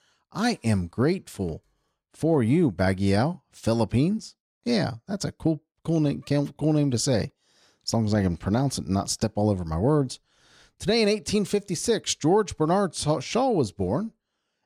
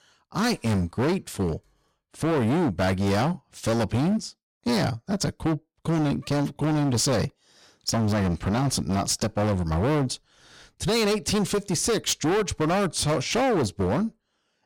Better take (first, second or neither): first